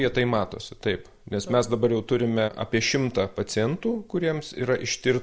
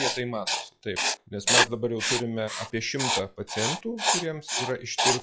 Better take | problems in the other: first | noise reduction (classical method log-MMSE)

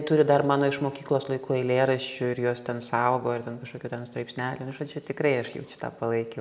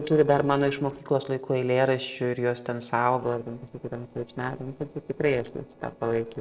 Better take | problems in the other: first | noise reduction (neural separator model SepFormer DNS4)

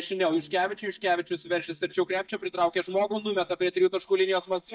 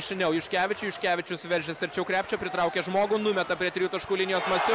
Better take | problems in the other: second | noise reduction (neural mask model DeepFilterNet 3)

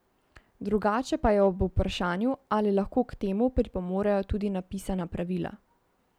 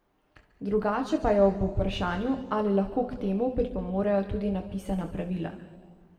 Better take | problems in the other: first | room echo; dies away in 1.6 s

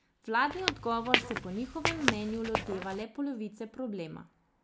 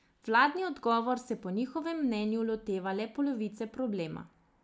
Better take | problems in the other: second | background sound (Squeak / Walk, footsteps); 1 dB above the speech

